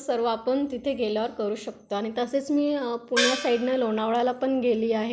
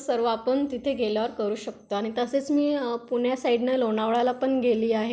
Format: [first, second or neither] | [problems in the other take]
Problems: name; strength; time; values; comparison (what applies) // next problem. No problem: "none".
second | background sound (Gong); 3 dB below the speech